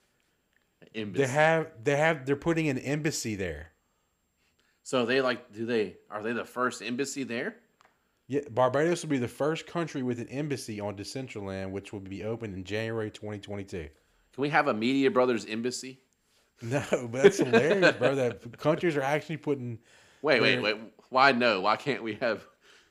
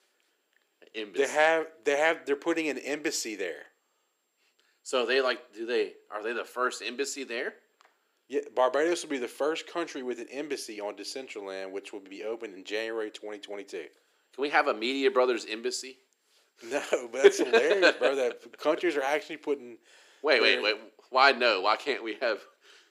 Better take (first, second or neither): first